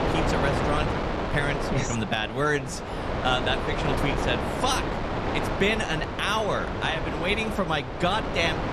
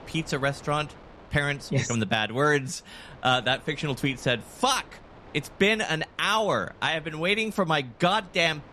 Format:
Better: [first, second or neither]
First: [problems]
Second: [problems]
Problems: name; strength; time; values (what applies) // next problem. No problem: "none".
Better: second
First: wind noise on the microphone; heavy; 3 dB below the speech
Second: wind noise on the microphone; occasional gusts; 25 dB below the speech